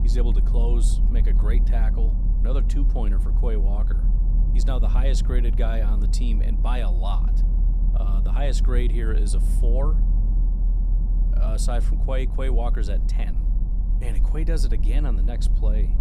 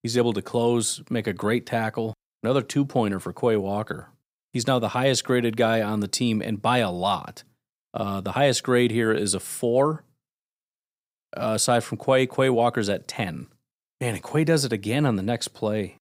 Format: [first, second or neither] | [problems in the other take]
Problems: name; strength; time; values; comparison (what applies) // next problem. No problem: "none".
second | low rumble; loud; throughout; 8 dB below the speech